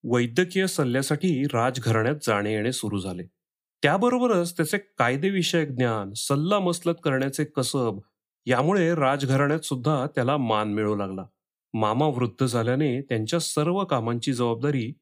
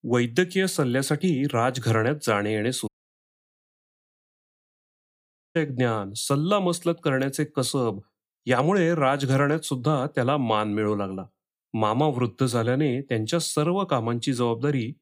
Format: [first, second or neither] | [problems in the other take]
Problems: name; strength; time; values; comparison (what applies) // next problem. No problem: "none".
first | audio cutting out; at 3 s for 2.5 s